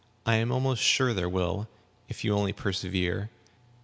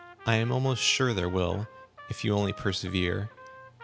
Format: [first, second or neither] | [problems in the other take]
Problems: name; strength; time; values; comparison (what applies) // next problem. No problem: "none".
first | background sound (Trumpet); 19 dB below the speech